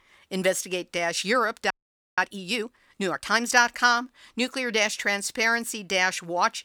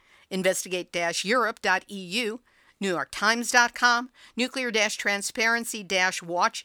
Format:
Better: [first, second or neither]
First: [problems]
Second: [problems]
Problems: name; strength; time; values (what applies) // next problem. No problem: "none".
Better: second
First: audio freezing; at 1.5 s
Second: none